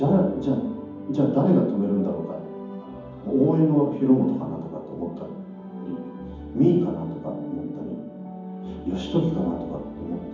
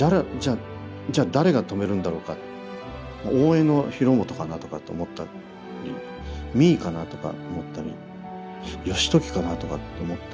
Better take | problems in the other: second | room echo; dies away in 1.2 s

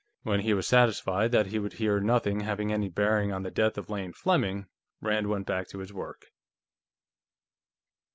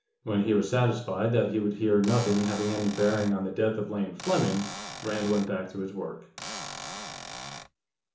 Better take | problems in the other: first | background sound (Cupboard open or close / Door); 11 dB below the speech // room echo; dies away in 0.8 s

